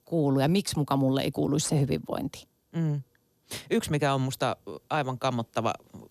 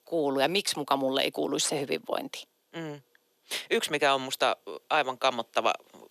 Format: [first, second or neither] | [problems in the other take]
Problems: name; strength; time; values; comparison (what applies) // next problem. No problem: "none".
first | thin; somewhat; fading below 450 Hz